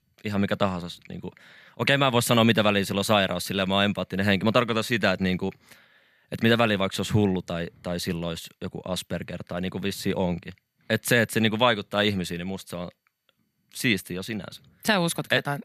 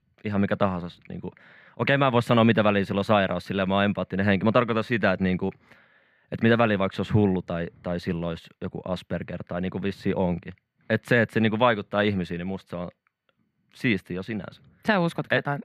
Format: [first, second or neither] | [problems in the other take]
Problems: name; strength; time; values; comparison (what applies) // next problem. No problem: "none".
first | muffled; slightly; fading above 4 kHz